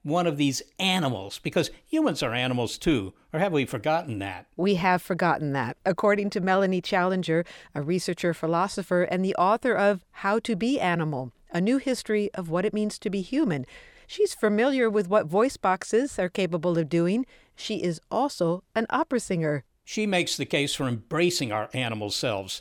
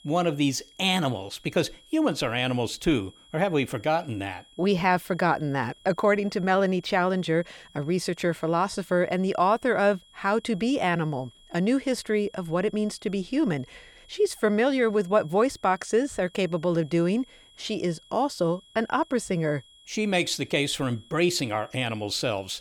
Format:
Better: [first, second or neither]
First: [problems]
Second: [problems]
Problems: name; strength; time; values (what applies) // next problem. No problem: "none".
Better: first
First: none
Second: high-pitched whine; faint; throughout; 3.5 kHz, 25 dB below the speech